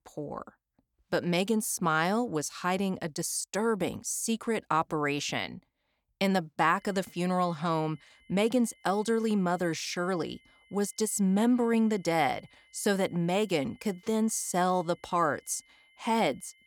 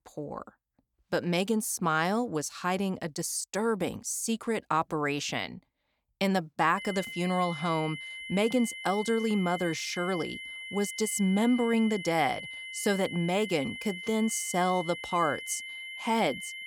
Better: first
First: high-pitched whine; faint; from 7 s on; 2 kHz, 30 dB below the speech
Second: high-pitched whine; loud; from 7 s on; 2 kHz, 9 dB below the speech

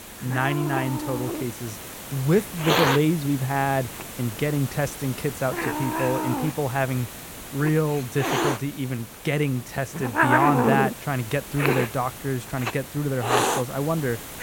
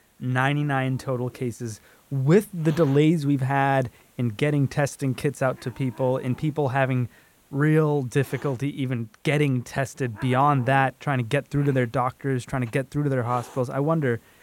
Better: second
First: hiss; loud; throughout; 2 dB below the speech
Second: hiss; faint; throughout; 25 dB below the speech

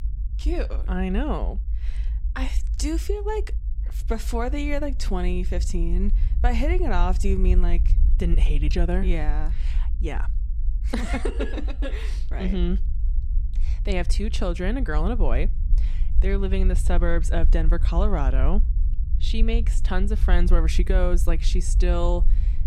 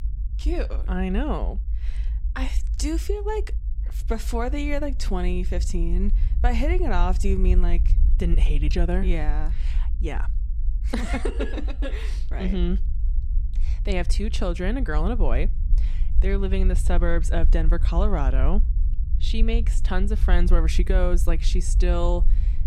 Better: neither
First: low rumble; noticeable; throughout; 15 dB below the speech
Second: low rumble; noticeable; throughout; 15 dB below the speech

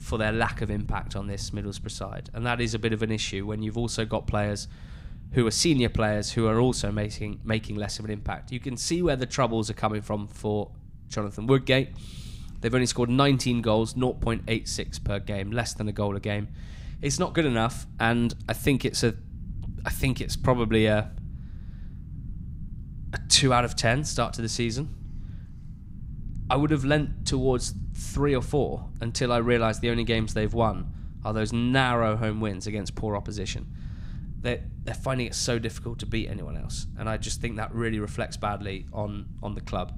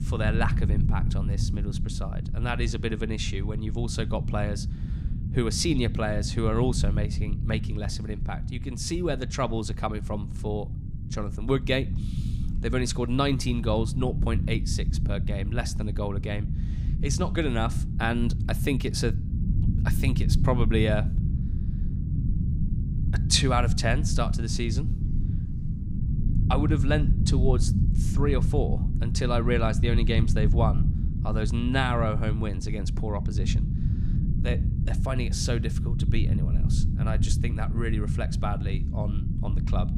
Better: first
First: low rumble; faint; throughout; 25 dB below the speech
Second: low rumble; loud; throughout; 9 dB below the speech

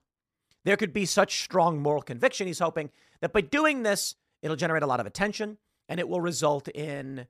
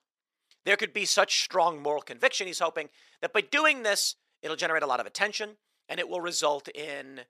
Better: first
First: none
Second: thin; somewhat; fading below 450 Hz

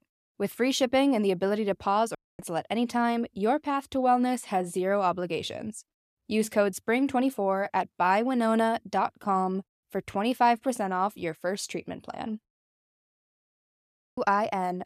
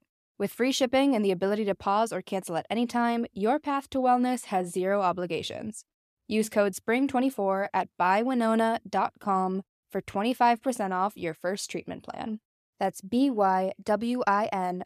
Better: second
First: audio cutting out; at 2 s and at 12 s for 1.5 s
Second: none

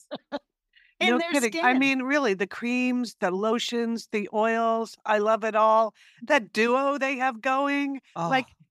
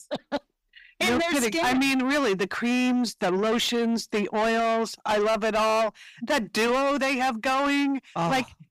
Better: first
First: none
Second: distortion; heavy; 6 dB below the speech

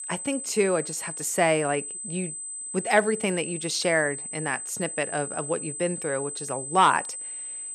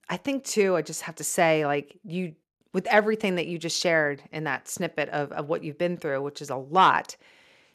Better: second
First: high-pitched whine; loud; throughout; 8 kHz, 6 dB below the speech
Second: none

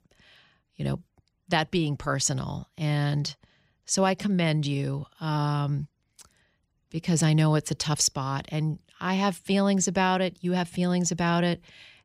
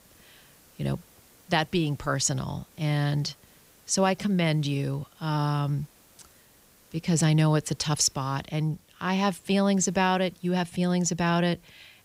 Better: first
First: none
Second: hiss; faint; throughout; 30 dB below the speech

